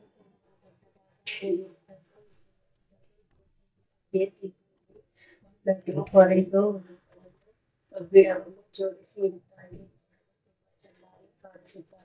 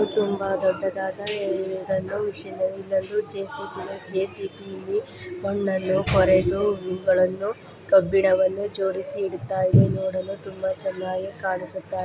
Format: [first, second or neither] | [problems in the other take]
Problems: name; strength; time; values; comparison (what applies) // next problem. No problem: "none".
second | noise reduction (neural mask model DeepFilterNet 3)